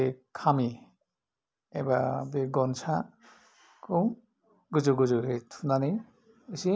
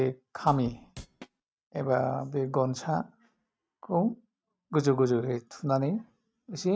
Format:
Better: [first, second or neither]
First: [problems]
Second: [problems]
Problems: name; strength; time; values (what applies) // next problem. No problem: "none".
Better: first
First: none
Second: noise reduction (neural mask model RNNoise)